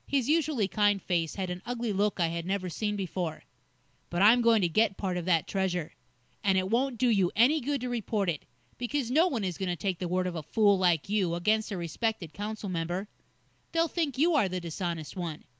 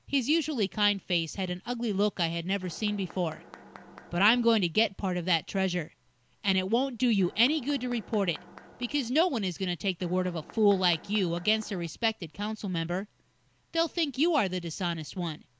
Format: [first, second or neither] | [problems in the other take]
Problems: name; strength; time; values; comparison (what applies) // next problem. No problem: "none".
first | background sound (Mechanisms); 20 dB below the speech